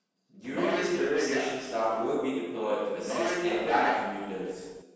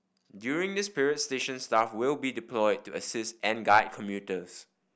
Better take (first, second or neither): second